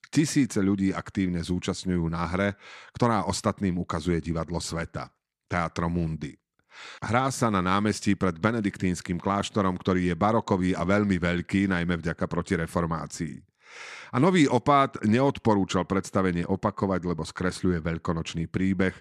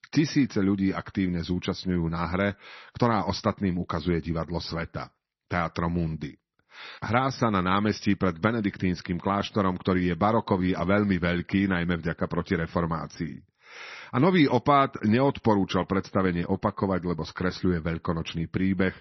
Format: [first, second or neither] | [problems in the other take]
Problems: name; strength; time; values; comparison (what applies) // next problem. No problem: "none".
first | garbled, watery; slightly; nothing above 6 kHz